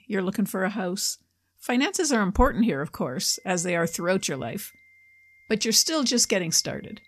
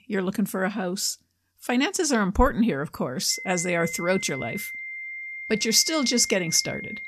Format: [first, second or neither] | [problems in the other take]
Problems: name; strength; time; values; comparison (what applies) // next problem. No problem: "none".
first | high-pitched whine; loud; from 3.5 s on; 2 kHz, 10 dB below the speech; faint in the first